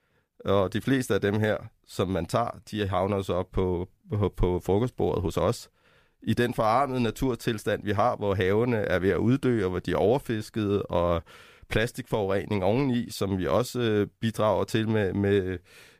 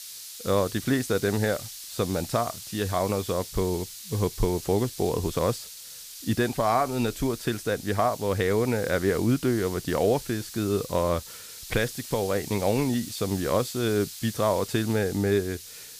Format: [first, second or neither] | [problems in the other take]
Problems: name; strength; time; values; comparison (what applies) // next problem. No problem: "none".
first | hiss; noticeable; throughout; 10 dB below the speech